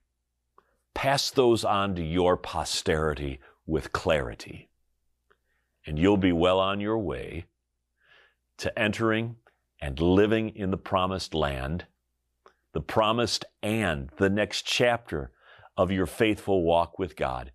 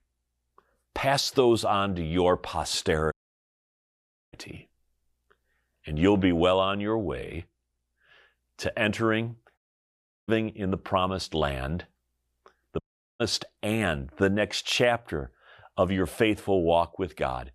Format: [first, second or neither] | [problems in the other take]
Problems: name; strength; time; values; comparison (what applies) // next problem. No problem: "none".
first | audio cutting out; at 3 s for 1 s, at 9.5 s for 0.5 s and at 13 s